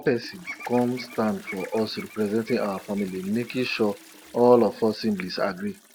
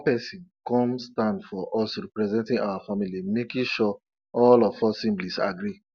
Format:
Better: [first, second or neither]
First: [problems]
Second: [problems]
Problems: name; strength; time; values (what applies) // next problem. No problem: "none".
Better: second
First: background sound (Bird vocalization, bird call, bird song + Toilet flush); 19 dB below the speech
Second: none